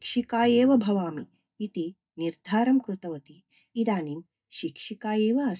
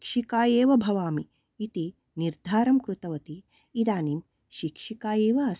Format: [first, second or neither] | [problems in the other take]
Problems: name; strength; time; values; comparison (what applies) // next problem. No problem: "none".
second | noise reduction (neural mask model DeepFilterNet 3)